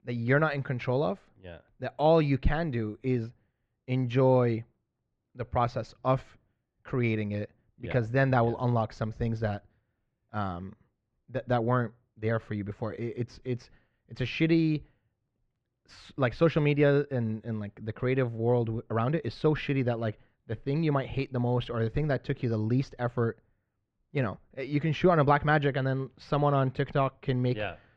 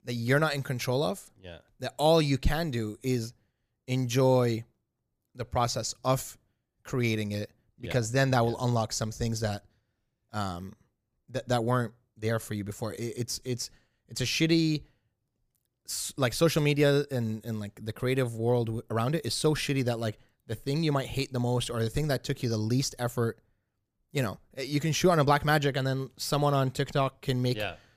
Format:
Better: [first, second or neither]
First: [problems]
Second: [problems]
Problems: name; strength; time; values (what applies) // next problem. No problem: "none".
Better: second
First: muffled; very; fading above 2.5 kHz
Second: none